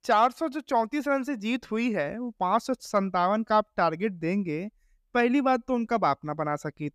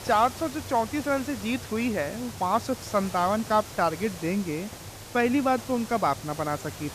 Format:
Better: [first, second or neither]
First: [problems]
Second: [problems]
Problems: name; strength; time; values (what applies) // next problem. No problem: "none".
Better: first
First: none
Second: hiss; noticeable; throughout; 10 dB below the speech